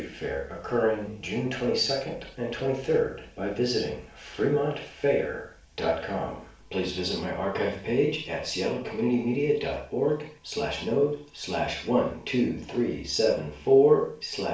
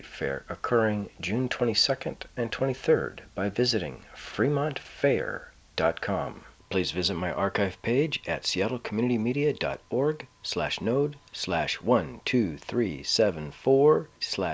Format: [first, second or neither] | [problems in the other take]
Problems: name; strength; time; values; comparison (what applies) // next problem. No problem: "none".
second | room echo; dies away in 0.4 s